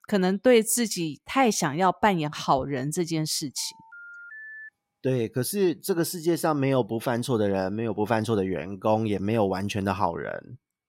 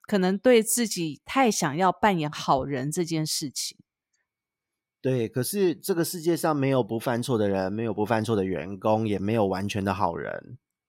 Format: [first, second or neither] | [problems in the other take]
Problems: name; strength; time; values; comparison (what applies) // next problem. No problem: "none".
second | phone ringing; faint; from 3.5 to 4.5 s; peak 15 dB below the speech